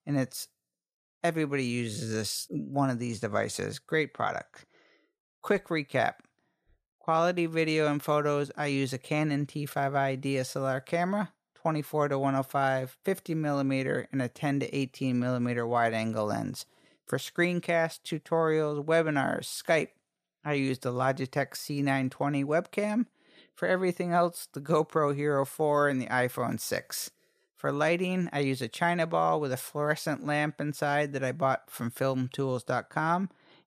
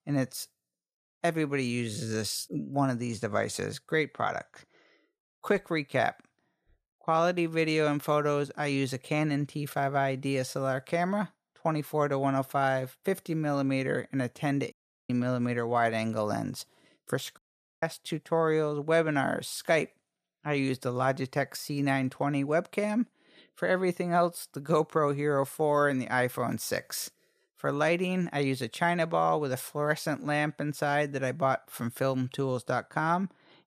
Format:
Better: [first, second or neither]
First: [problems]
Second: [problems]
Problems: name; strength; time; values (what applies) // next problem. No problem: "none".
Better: first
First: none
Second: audio cutting out; at 15 s and at 17 s